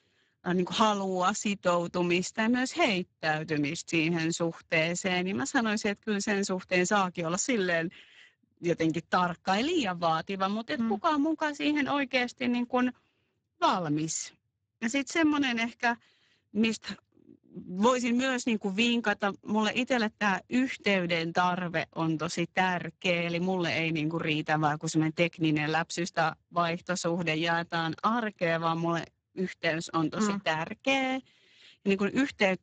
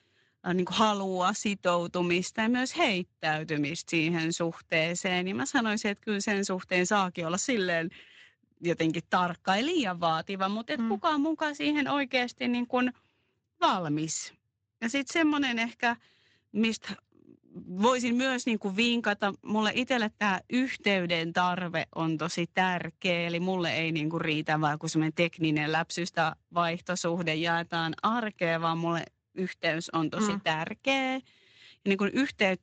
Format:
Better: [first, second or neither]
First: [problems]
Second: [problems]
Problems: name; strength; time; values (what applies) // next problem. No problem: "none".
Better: second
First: garbled, watery; badly; nothing above 7.5 kHz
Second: garbled, watery; slightly; nothing above 7.5 kHz